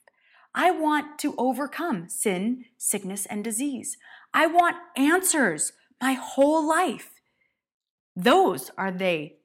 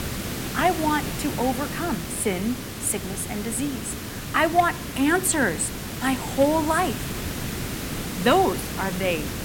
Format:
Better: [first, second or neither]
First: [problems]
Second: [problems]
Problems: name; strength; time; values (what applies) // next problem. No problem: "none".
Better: first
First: none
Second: hiss; loud; throughout; 7 dB below the speech